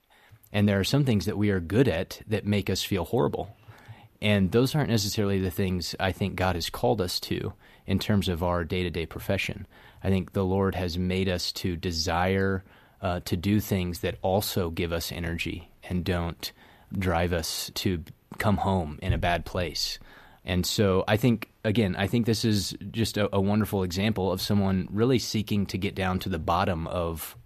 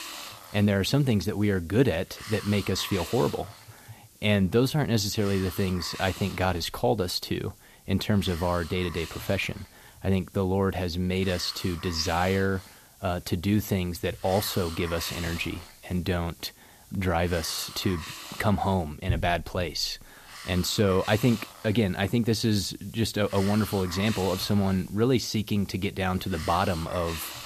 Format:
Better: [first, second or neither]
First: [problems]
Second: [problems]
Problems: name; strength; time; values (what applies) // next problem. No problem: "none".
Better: first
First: none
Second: hiss; noticeable; throughout; 15 dB below the speech